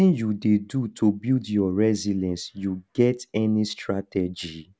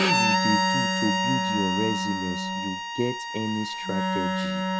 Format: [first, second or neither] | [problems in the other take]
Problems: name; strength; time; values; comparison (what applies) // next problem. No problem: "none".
first | background sound (Bowed string instrument + Wind instrument, woodwind instrument); 4 dB above the speech